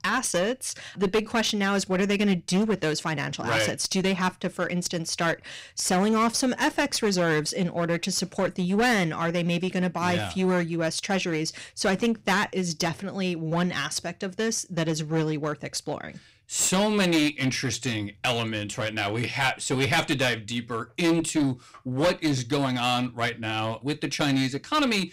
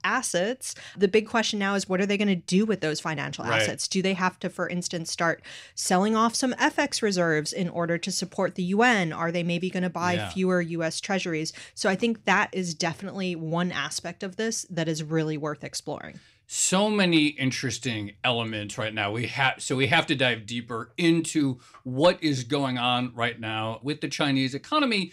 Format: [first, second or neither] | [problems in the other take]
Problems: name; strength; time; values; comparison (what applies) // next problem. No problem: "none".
second | distortion; slight; 9% of the sound clipped